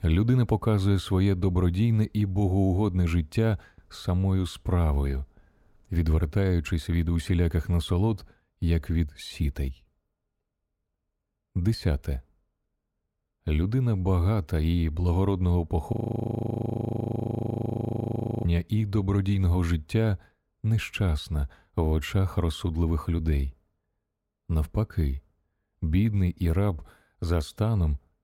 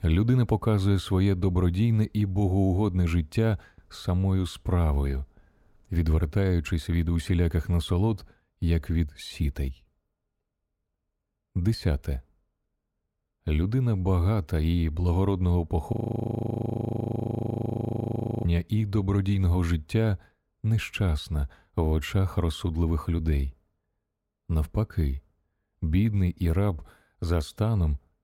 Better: neither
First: audio freezing; at 16 s for 2.5 s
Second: audio freezing; at 16 s for 2.5 s

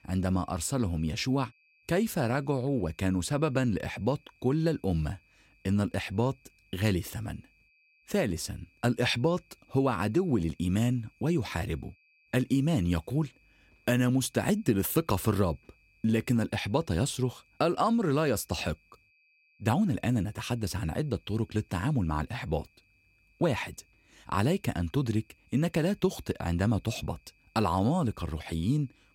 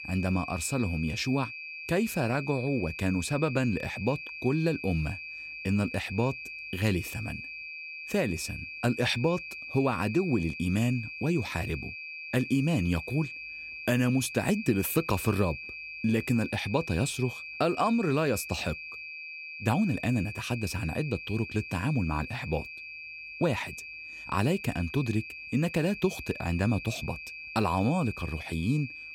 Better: first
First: high-pitched whine; faint; throughout; 2.5 kHz, 35 dB below the speech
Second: high-pitched whine; loud; throughout; 2.5 kHz, 9 dB below the speech

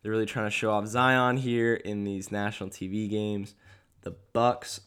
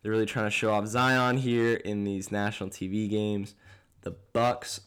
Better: first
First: none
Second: distortion; slight; 3% of the sound clipped

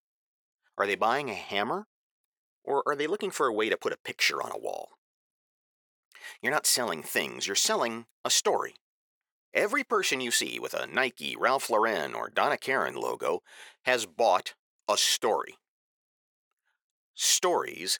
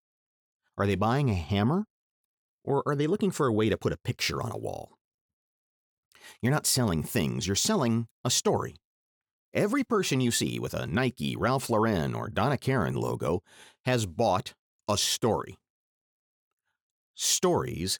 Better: second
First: thin; very; fading below 550 Hz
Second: none

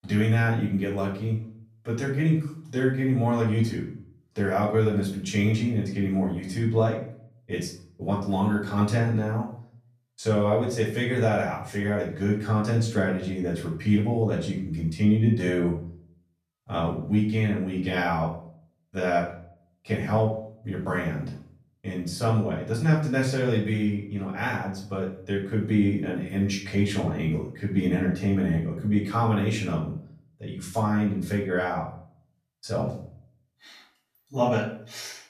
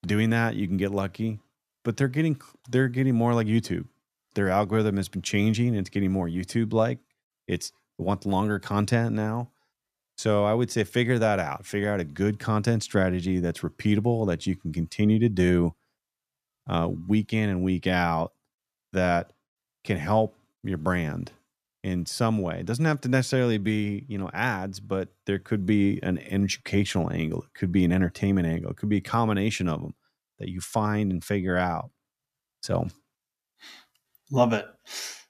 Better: second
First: off-mic speech; far // room echo; noticeable; dies away in 0.4 s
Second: none

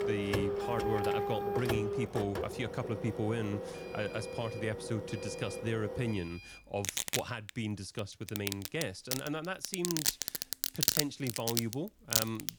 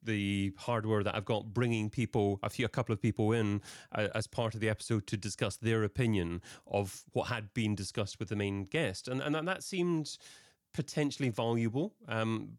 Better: second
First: household noises; very loud; throughout; 2 dB above the speech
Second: none

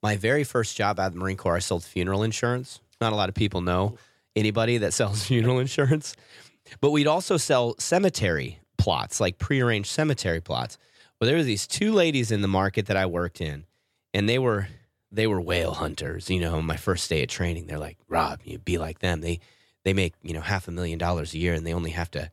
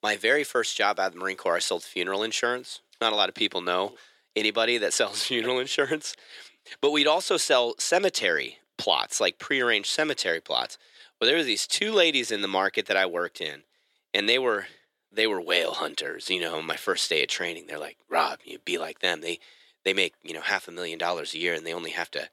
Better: first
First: none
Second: thin; somewhat; fading below 350 Hz

